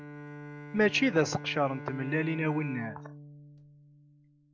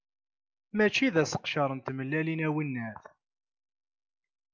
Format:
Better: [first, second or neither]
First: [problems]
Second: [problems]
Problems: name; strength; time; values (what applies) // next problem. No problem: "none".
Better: second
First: background sound (Bowed string instrument); 12 dB below the speech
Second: none